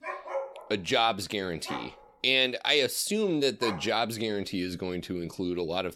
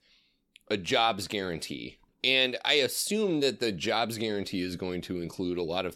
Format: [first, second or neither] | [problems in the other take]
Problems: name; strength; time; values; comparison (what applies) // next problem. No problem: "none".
second | dog barking; noticeable; until 4 s; peak 7 dB below the speech